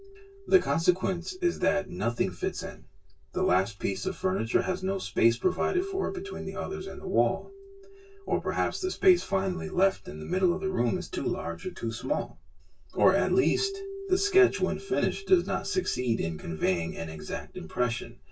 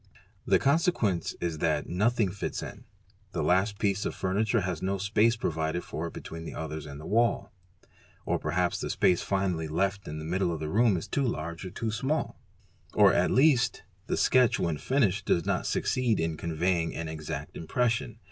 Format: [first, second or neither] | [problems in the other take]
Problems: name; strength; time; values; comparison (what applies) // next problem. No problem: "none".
second | background sound (Keyboard (musical)); 16 dB below the speech // room echo; dies away in 0.1 s